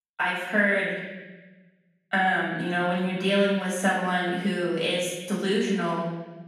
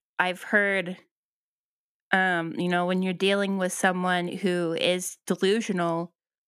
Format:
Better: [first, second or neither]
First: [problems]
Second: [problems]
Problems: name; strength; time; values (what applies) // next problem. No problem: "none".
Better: second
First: off-mic speech; far // room echo; noticeable; dies away in 1.2 s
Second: none